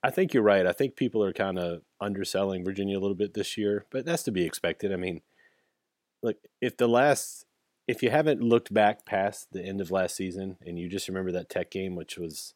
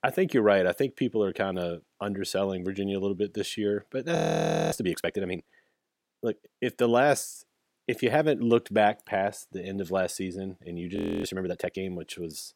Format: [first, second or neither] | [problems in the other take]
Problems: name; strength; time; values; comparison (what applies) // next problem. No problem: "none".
first | audio freezing; at 4 s for 0.5 s and at 11 s